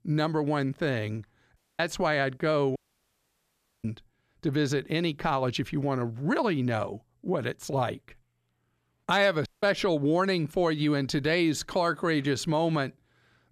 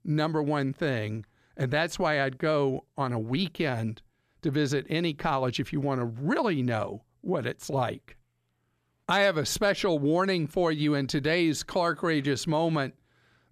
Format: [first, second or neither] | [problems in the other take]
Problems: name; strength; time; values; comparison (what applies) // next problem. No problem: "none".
second | audio cutting out; at 1.5 s, at 3 s for 1 s and at 9.5 s